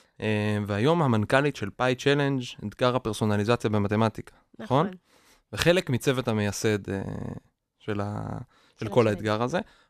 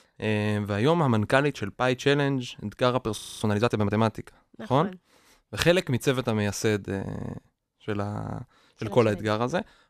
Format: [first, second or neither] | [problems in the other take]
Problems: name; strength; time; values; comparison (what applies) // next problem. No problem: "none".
first | audio freezing; at 3 s